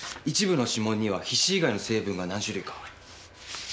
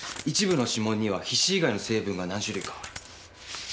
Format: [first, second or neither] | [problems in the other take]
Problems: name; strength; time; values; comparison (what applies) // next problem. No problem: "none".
first | background sound (Coin (dropping)); 16 dB below the speech